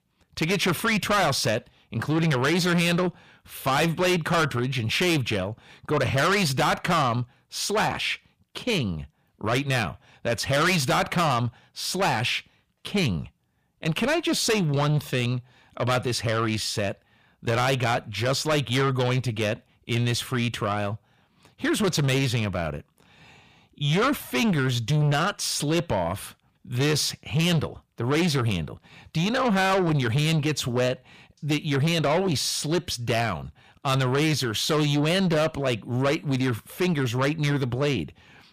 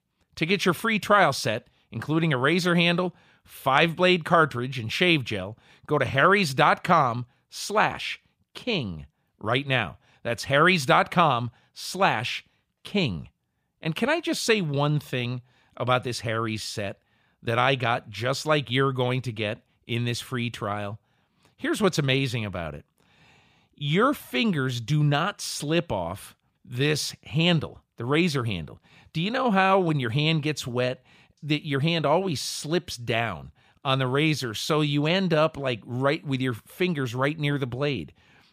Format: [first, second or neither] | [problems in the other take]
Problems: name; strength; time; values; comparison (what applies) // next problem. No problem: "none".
second | distortion; heavy; 6 dB below the speech